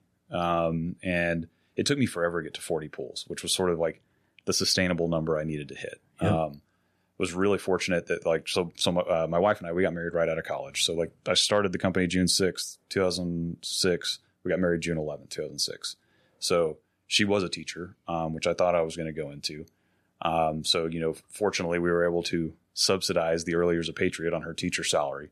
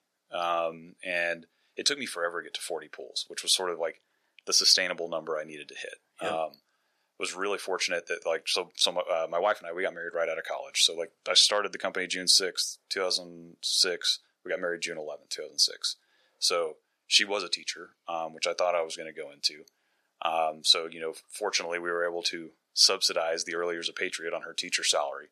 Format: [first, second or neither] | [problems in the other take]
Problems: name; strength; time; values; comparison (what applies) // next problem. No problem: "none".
first | thin; very; fading below 550 Hz